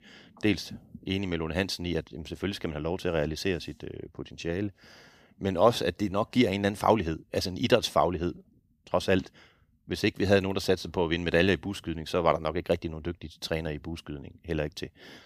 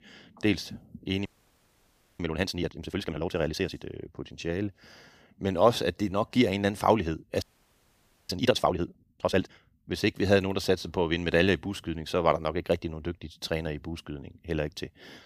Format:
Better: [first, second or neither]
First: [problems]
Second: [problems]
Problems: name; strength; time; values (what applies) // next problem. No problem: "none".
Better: first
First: none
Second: audio freezing; at 1.5 s for 1 s and at 7.5 s for 1 s